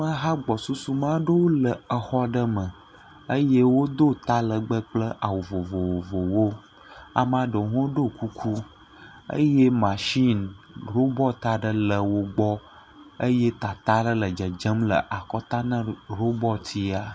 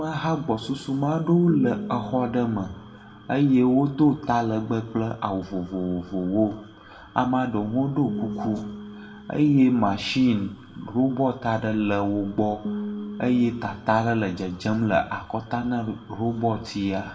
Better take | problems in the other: first | background sound (Piano); 14 dB below the speech // room echo; dies away in 0.6 s

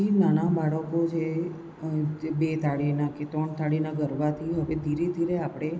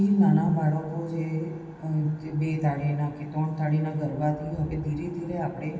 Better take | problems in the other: first | room echo; dies away in 2.1 s

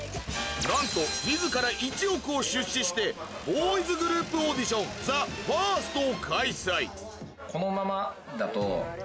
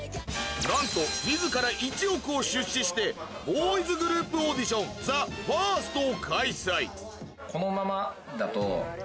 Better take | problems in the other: second | background sound (Mechanisms); 19 dB below the speech

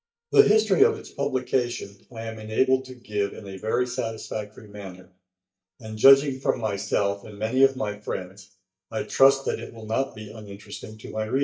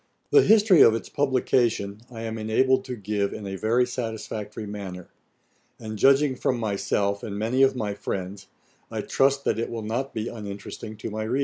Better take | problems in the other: second | noise reduction (neural mask model DeepFilterNet 3)

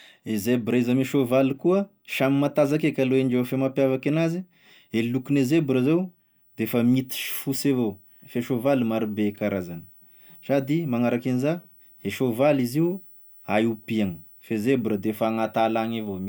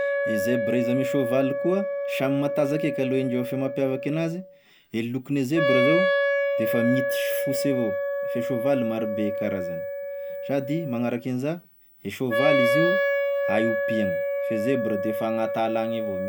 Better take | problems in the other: first | background sound (Wind instrument, woodwind instrument); 1 dB above the speech

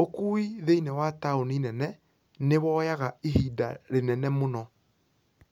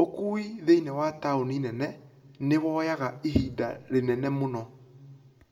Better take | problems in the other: first | room echo; dies away in 1.2 s

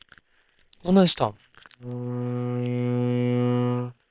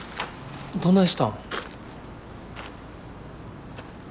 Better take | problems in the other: second | noise reduction (neural separator model SepFormer WHAM!)

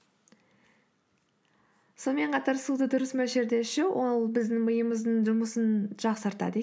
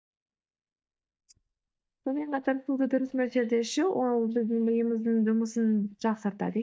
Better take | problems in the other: first | noise reduction (neural mask model DeepFilterNet 3)

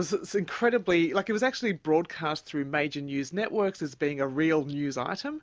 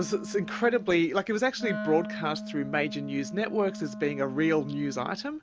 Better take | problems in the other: first | background sound (Wind instrument, woodwind instrument); 10 dB below the speech

